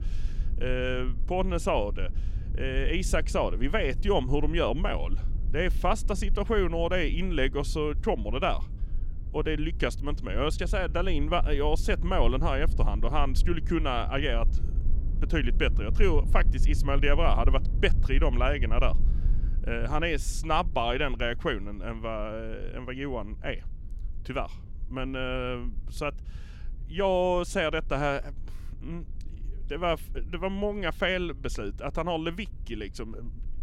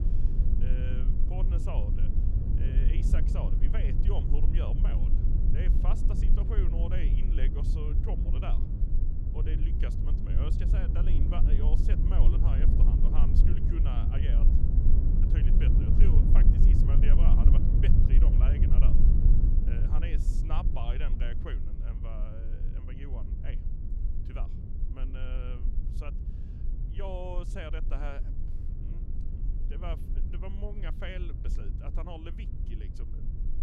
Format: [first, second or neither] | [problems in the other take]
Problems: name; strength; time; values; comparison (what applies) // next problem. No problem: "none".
first | low rumble; loud; throughout; 1 dB below the speech; faint in the first